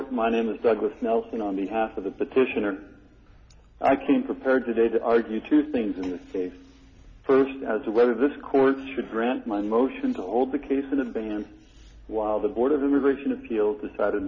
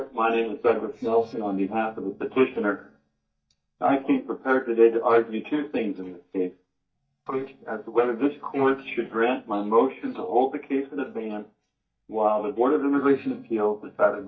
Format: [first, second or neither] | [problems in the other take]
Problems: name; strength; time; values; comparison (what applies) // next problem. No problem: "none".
first | noise reduction (neural mask model DeepFilterNet 3)